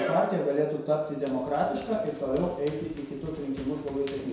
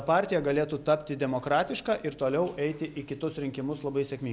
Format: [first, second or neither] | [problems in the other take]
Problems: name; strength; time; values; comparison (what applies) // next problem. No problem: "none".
second | background sound (Run); 14 dB below the speech // room echo; dies away in 0.7 s